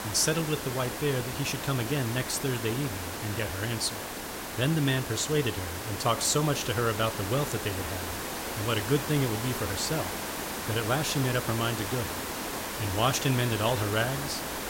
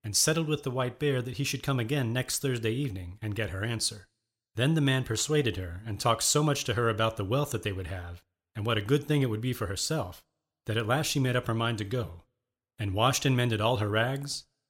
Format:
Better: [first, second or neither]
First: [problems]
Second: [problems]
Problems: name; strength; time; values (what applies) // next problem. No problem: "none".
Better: second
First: hiss; loud; throughout; 4 dB below the speech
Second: none